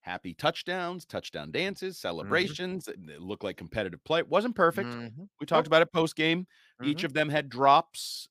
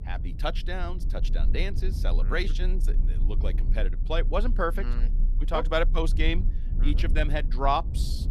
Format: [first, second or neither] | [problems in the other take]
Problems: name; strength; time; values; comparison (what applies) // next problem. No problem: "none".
first | low rumble; noticeable; throughout; 20 dB below the speech